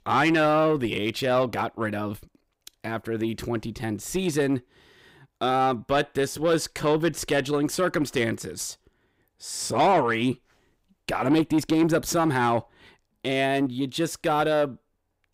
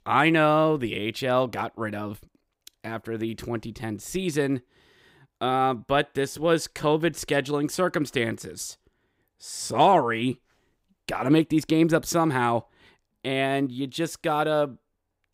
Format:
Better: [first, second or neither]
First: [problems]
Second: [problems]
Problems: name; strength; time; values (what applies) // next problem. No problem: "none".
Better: second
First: distortion; slight; 10 dB below the speech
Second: none